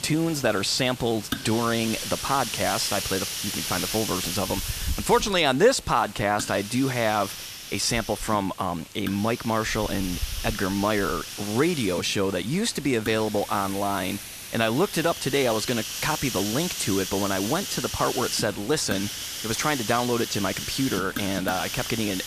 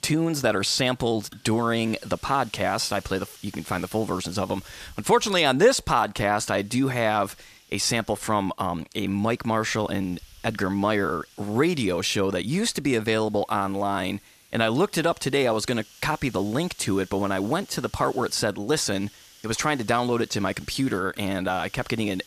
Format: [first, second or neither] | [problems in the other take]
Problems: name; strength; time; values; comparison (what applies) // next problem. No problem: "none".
second | hiss; loud; throughout; 6 dB below the speech; faint in the second